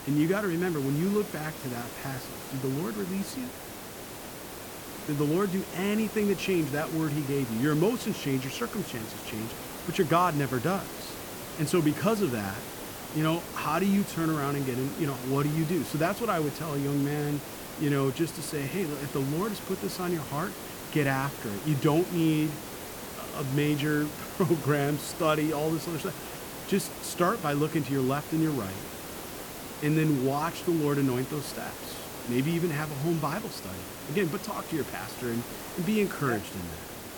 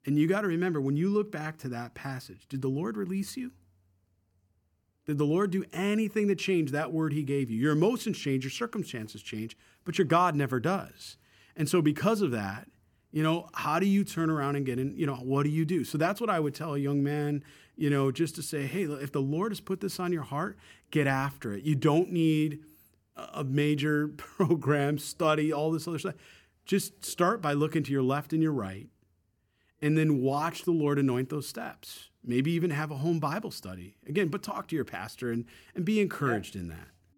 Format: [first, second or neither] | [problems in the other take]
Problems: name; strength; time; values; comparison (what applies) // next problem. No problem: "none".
second | hiss; loud; throughout; 9 dB below the speech